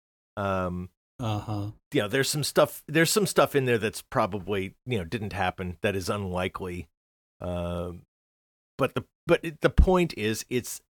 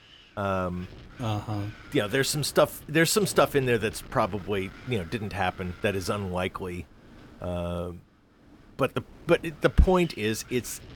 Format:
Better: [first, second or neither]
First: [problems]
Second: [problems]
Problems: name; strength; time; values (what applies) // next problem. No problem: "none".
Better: first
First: none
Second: wind noise on the microphone; occasional gusts; 20 dB below the speech